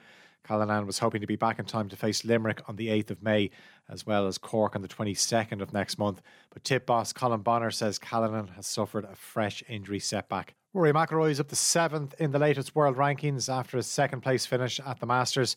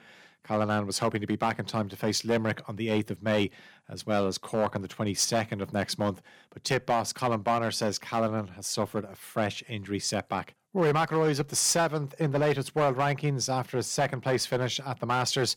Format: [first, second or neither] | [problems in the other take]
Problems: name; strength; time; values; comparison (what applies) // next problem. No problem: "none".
first | distortion; slight; 4% of the sound clipped